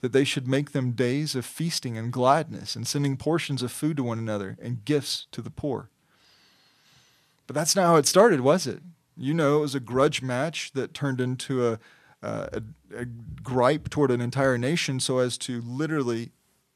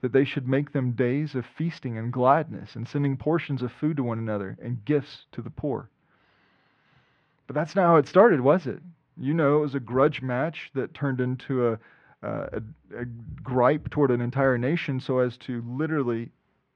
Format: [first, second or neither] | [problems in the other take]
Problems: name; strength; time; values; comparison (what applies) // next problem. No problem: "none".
first | muffled; very; fading above 2.5 kHz